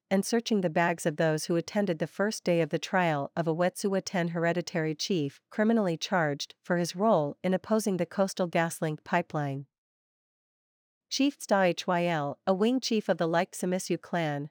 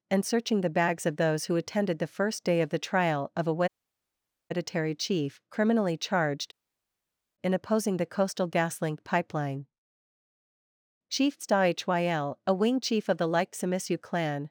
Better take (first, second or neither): first